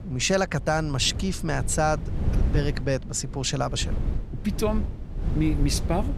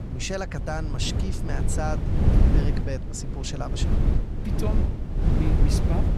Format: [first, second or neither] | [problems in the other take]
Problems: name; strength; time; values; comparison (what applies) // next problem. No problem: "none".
first | wind noise on the microphone; heavy; 2 dB below the speech; occasional gusts in the first